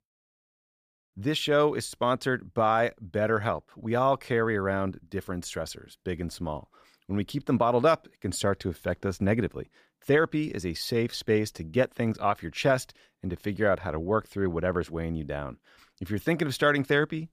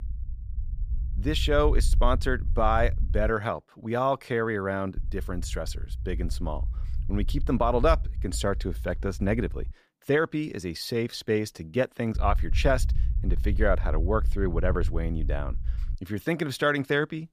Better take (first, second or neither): first